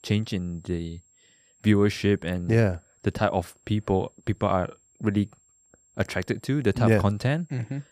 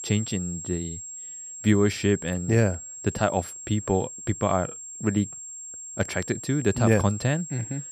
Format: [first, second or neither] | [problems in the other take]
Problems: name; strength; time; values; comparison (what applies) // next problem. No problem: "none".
first | high-pitched whine; loud; throughout; 7.5 kHz, 10 dB below the speech; faint in the first